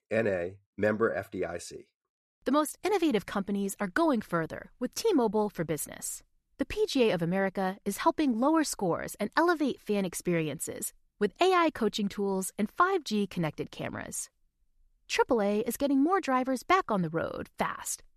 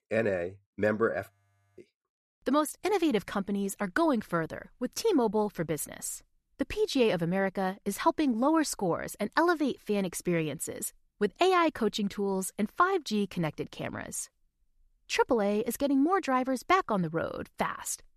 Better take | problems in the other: first | audio freezing; at 1.5 s

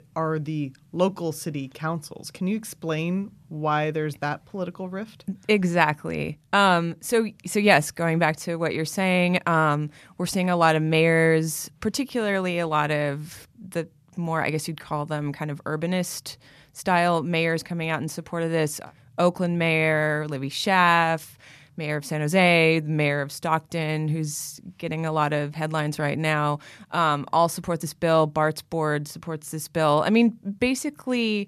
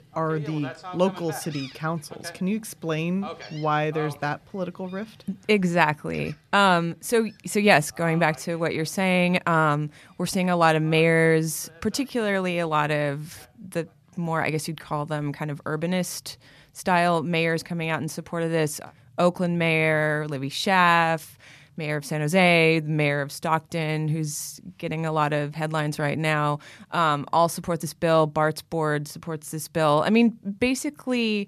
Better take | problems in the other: first | animal sounds; noticeable; throughout; 20 dB below the speech

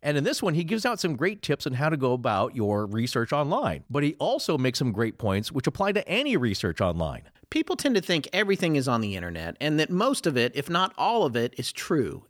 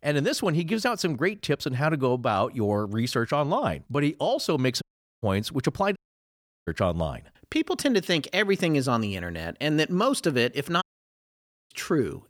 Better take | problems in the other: first | audio cutting out; at 5 s, at 6 s for 0.5 s and at 11 s for 1 s

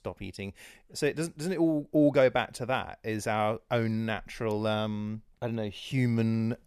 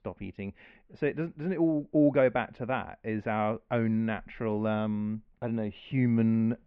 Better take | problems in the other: first | muffled; very; fading above 2.5 kHz

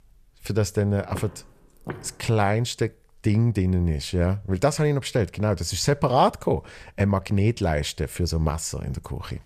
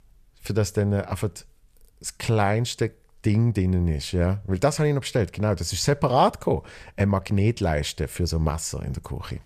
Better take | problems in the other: second | footsteps; faint; at 1 s; peak 15 dB below the speech

